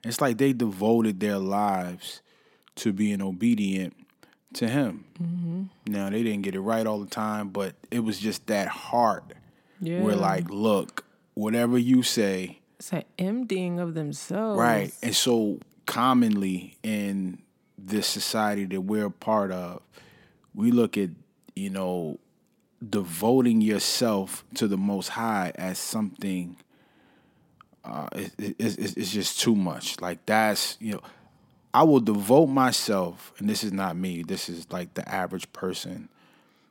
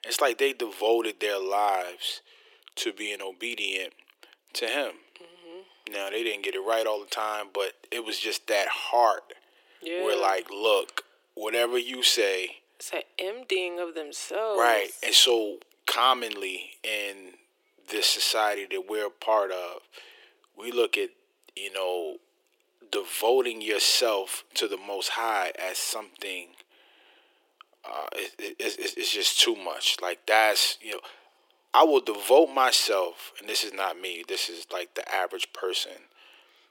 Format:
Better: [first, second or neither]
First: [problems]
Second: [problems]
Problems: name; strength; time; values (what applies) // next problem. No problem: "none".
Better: first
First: none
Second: thin; very; fading below 350 Hz